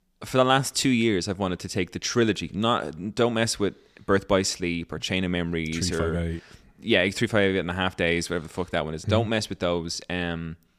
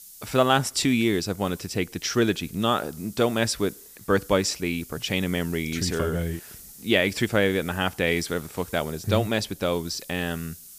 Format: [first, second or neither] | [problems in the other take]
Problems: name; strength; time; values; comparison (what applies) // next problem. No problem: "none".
first | hiss; noticeable; throughout; 20 dB below the speech